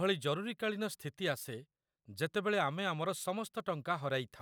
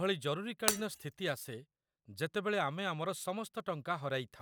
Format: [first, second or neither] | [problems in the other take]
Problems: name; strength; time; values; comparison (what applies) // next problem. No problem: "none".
first | background sound (Shatter); 3 dB below the speech